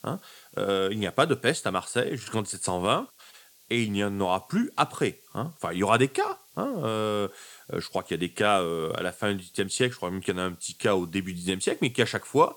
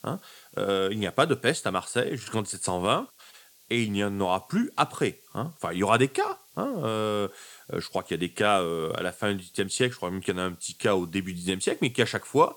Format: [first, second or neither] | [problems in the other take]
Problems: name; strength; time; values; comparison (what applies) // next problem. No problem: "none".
neither | hiss; faint; throughout; 25 dB below the speech; the same in both